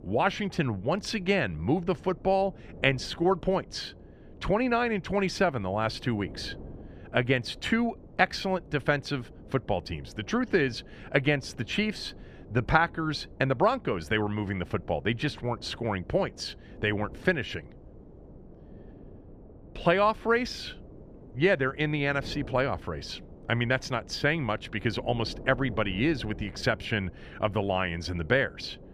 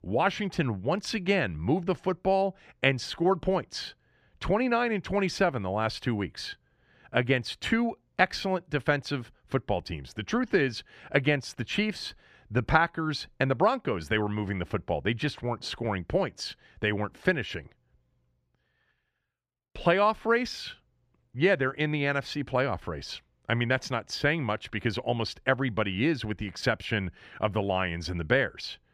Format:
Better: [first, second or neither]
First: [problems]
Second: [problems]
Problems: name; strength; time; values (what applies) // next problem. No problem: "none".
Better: second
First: wind noise on the microphone; occasional gusts; 25 dB below the speech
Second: none